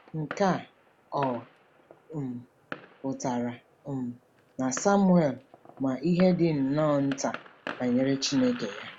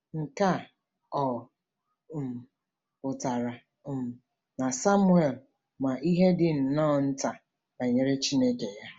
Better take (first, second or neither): second